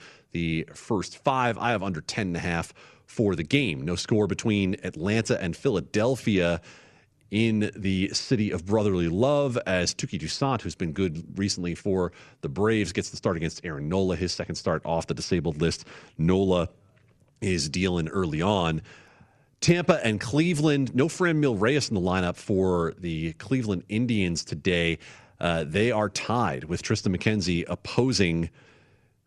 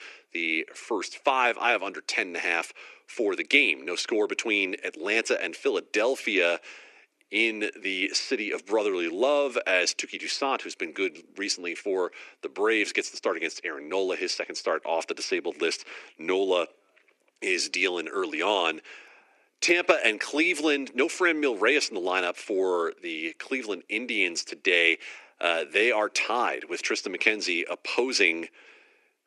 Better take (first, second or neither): first